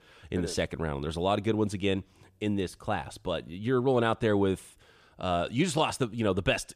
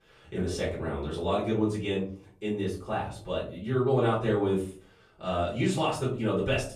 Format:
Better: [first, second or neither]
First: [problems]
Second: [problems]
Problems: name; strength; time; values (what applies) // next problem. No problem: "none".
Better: first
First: none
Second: off-mic speech; far // room echo; slight; dies away in 0.4 s